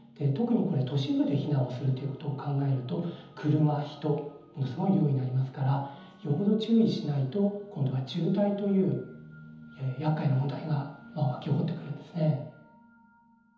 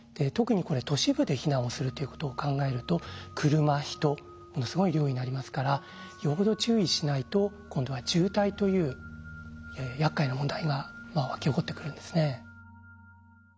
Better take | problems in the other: second | room echo; dies away in 1.3 s

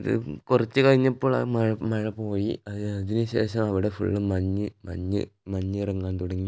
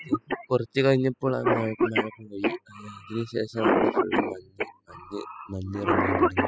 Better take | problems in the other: first | noise reduction (classical method spectral subtraction)

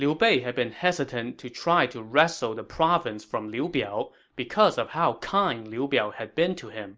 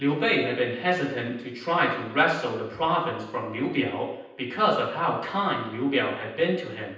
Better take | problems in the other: first | room echo; dies away in 0.9 s

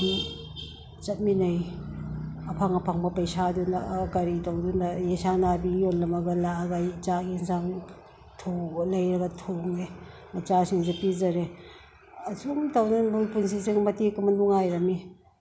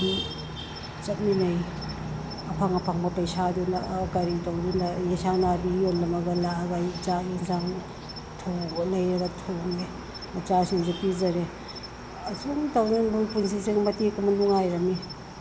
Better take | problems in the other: first | background sound (Cricket); 11 dB below the speech

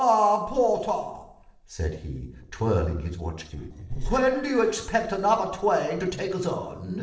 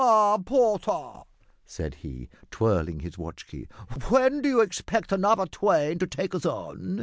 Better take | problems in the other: second | noise reduction (neural separator model SepFormer DNS4)

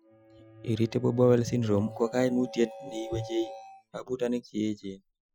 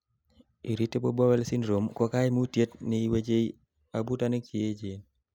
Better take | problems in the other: second | noise reduction (classical method Wiener filter)

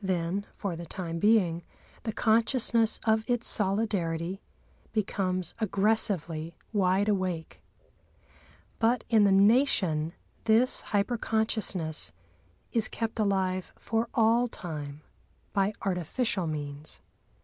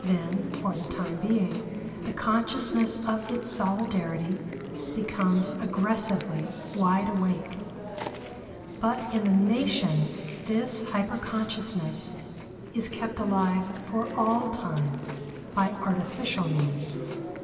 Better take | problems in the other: first | background sound (Chewing, mastication); 10 dB below the speech // room echo; dies away in 2.3 s

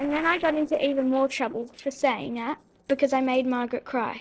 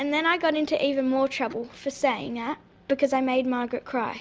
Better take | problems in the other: second | noise reduction (neural separator model SepFormer DNS4)

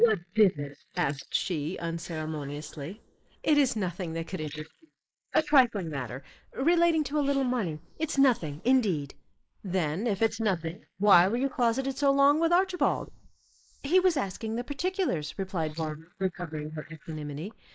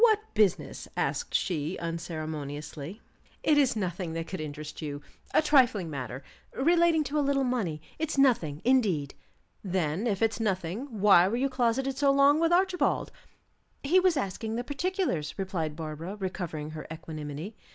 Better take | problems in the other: second | noise reduction (neural mask model Resemble Enhance denoiser)

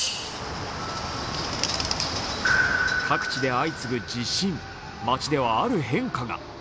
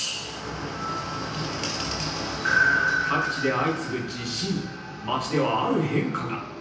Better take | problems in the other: first | room echo; dies away in 0.9 s

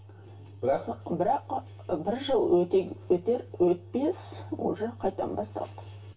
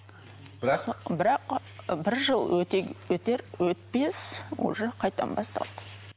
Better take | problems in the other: second | room echo; dies away in 0.2 s

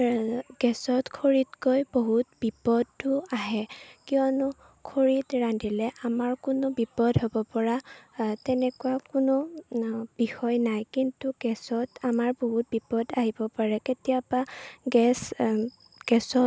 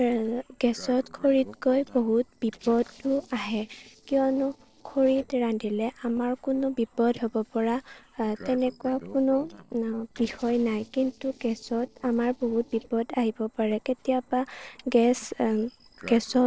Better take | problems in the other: first | noise reduction (neural separator model SepFormer DNS4)

